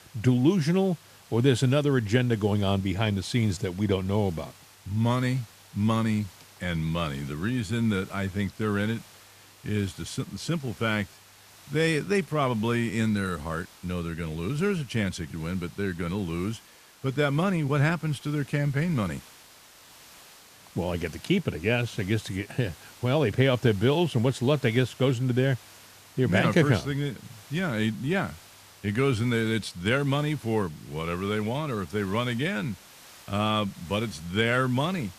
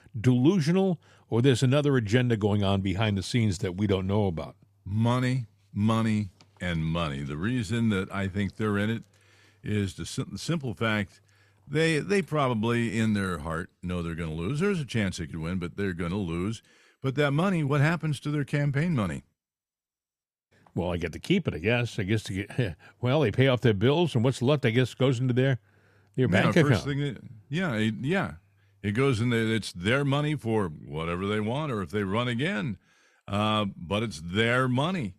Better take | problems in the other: second | hiss; faint; throughout; 20 dB below the speech

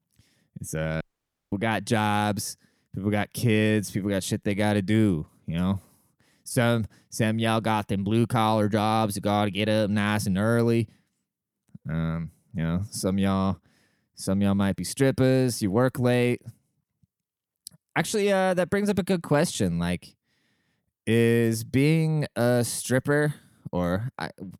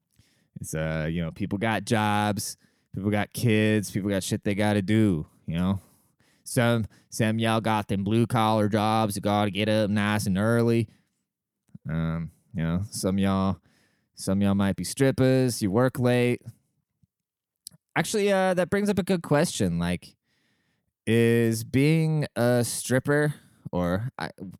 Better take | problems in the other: second | audio cutting out; at 1 s for 0.5 s

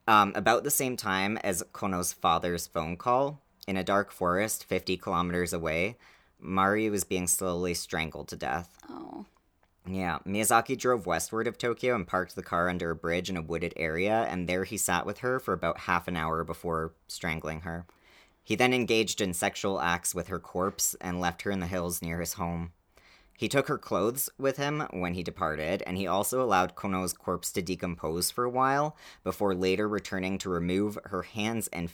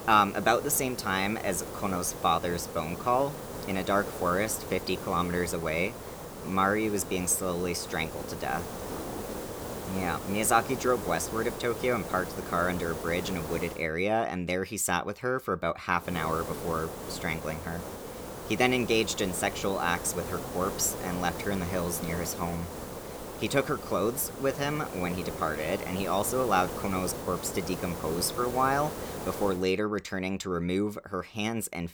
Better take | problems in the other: first | hiss; loud; until 14 s and from 16 to 30 s; 9 dB below the speech

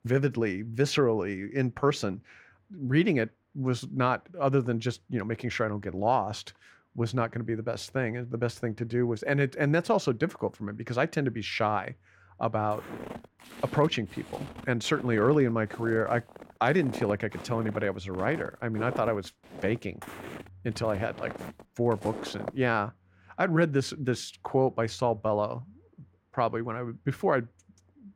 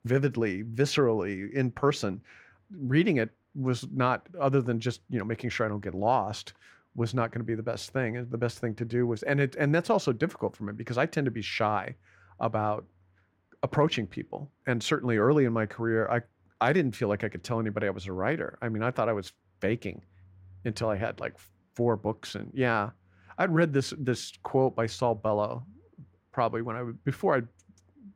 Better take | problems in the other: second | footsteps; noticeable; from 13 to 23 s; peak 9 dB below the speech

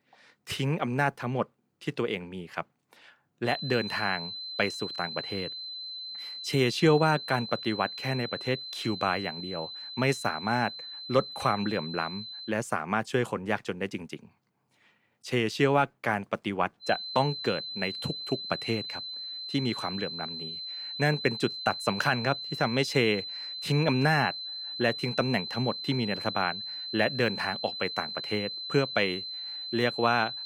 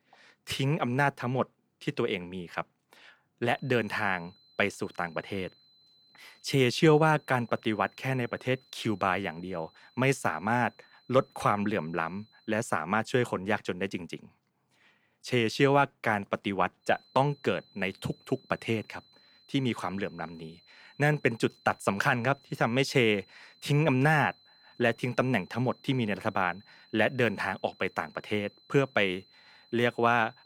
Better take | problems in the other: second | high-pitched whine; loud; from 3.5 to 12 s and from 17 s on; 4 kHz, 6 dB below the speech; faint in the second

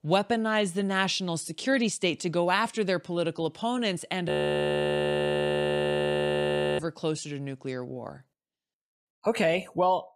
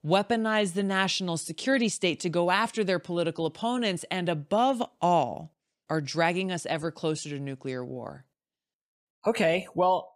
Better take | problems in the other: second | audio freezing; at 4.5 s for 2.5 s

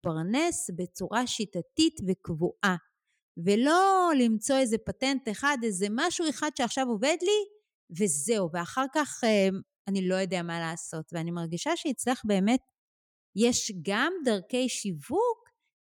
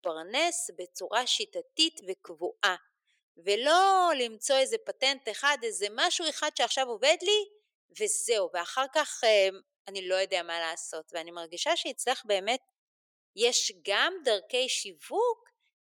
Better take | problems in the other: first | thin; very; fading below 400 Hz

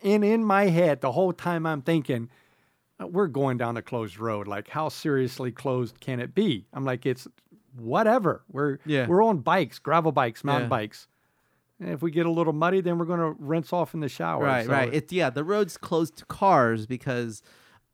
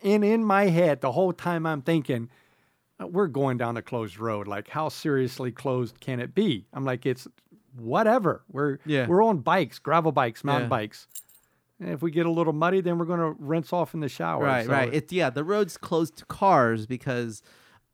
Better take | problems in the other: first | jangling keys; faint; at 11 s; peak 15 dB below the speech

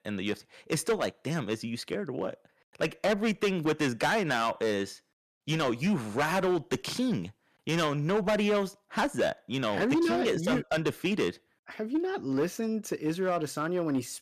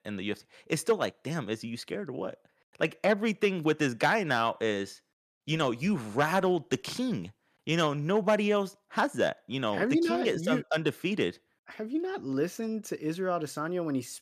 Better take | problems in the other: second | distortion; slight; 8% of the sound clipped

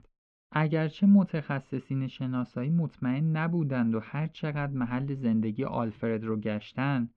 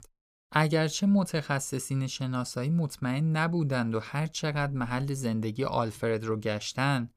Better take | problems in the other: second | muffled; very; fading above 3 kHz

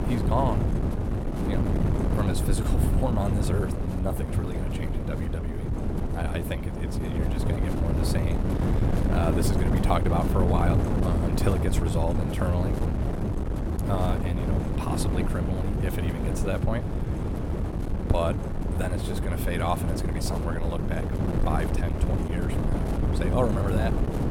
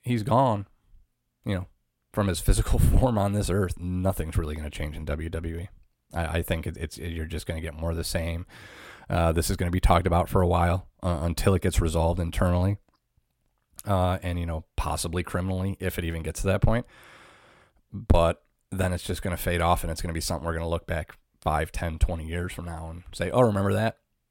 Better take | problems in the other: second | wind noise on the microphone; heavy; 2 dB below the speech

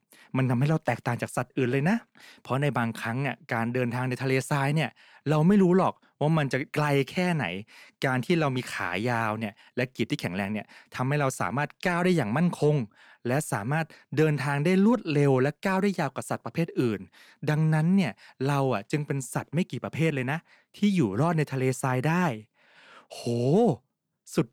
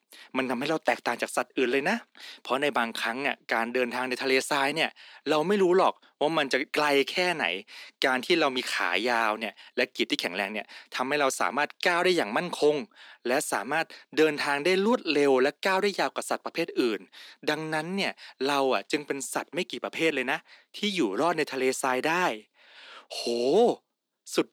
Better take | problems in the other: first | thin; somewhat; fading below 300 Hz

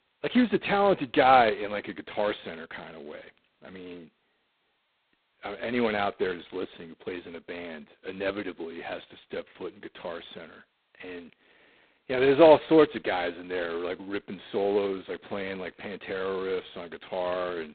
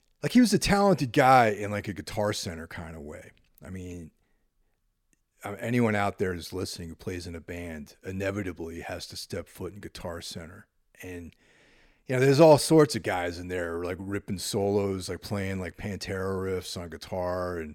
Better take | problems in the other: second | phone-call audio; poor line; nothing above 4 kHz

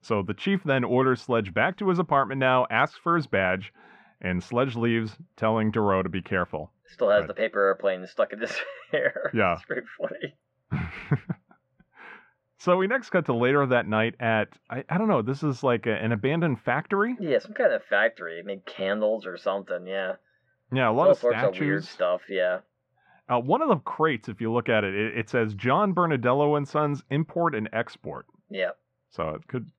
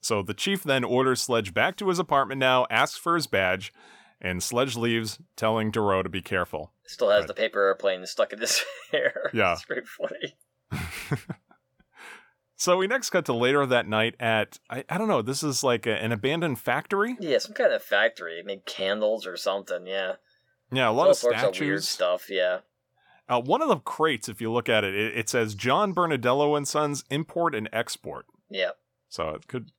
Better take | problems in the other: second | muffled; very; fading above 2 kHz

